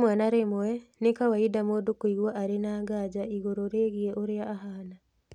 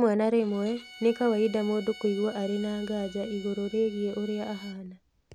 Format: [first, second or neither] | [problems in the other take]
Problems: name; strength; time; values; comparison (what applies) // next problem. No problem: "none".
first | background sound (Bowed string instrument); 20 dB below the speech